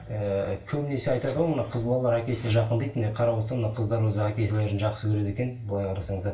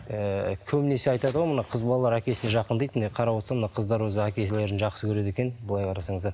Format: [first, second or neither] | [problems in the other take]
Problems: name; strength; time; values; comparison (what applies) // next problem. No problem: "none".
second | room echo; dies away in 0.3 s